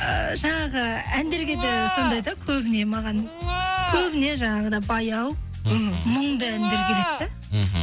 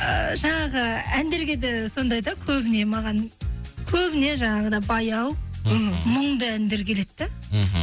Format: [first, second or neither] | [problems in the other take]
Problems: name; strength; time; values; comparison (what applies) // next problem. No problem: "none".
second | background sound (Livestock, farm animals, working animals); 3 dB below the speech